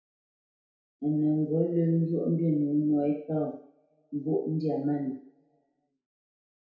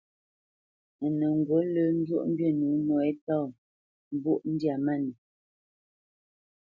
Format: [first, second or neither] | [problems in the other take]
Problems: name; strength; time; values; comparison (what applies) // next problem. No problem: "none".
second | room echo; dies away in 0.6 s